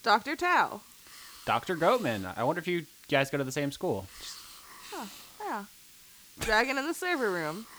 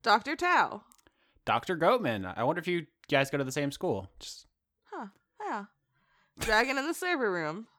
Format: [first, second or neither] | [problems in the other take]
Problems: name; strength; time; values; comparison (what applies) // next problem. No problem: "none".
second | hiss; noticeable; throughout; 20 dB below the speech